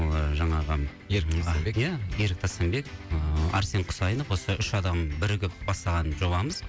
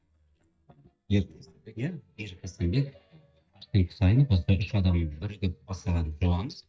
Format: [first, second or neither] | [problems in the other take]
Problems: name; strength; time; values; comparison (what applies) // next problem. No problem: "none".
first | noise reduction (neural mask model DeepFilterNet 3)